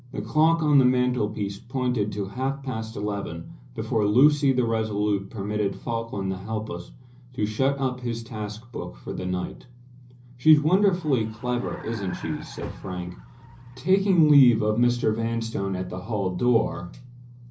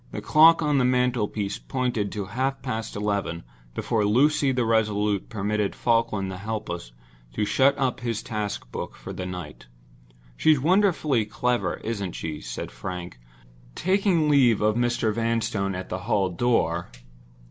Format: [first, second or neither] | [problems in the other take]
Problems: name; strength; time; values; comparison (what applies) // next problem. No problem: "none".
second | background sound (Vehicle); 18 dB below the speech // room echo; dies away in 0.5 s